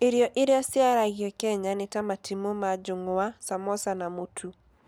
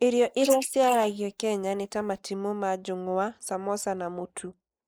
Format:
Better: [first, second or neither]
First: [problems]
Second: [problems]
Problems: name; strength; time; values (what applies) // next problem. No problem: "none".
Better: first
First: none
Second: noise reduction (neural mask model Resemble Enhance denoiser)